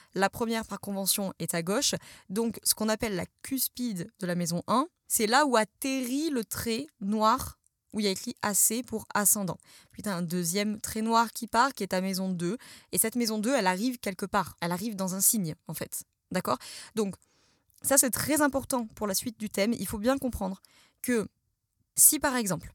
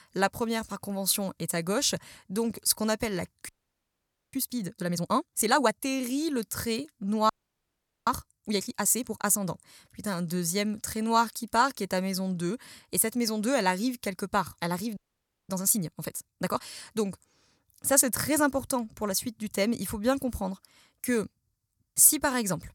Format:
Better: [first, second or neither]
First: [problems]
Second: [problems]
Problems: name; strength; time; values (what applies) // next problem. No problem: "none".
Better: first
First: none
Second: audio freezing; at 3.5 s for 1 s, at 7.5 s for 1 s and at 15 s for 0.5 s